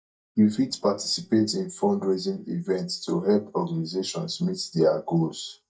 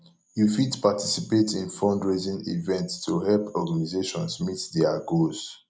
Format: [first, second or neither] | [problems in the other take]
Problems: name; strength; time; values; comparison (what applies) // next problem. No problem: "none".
second | noise reduction (neural mask model DeepFilterNet 3)